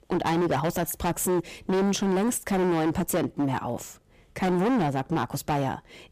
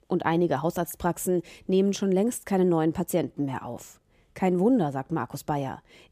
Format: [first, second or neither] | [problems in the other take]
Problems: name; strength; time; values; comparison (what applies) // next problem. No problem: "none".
second | distortion; heavy; 21% of the sound clipped